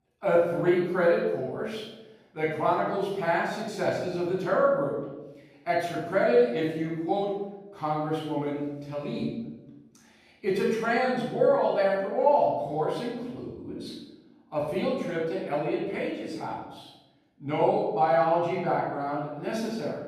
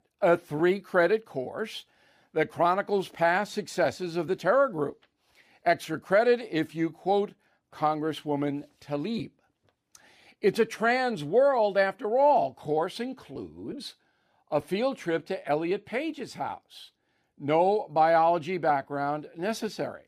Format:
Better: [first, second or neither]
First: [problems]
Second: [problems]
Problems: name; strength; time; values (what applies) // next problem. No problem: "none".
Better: second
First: off-mic speech; far // room echo; noticeable; dies away in 0.9 s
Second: none